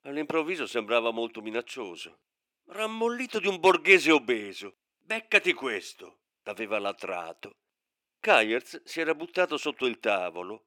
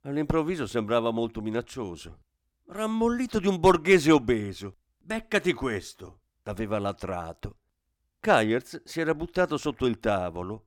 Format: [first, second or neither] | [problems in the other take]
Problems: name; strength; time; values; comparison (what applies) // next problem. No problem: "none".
second | thin; somewhat; fading below 400 Hz